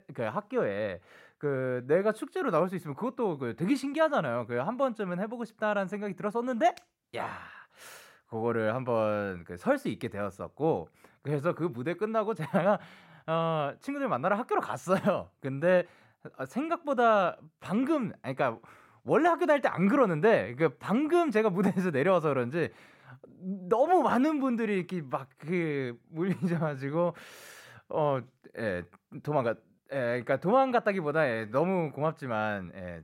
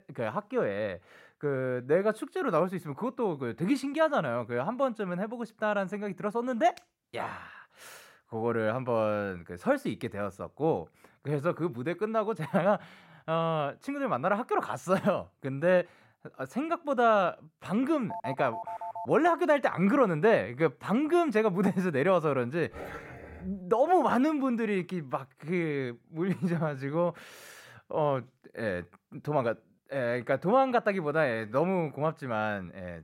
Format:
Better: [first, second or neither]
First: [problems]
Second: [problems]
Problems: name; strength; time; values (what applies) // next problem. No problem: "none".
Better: first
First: none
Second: phone ringing; noticeable; at 18 s; peak 9 dB below the speech // dog barking; faint; at 23 s; peak 10 dB below the speech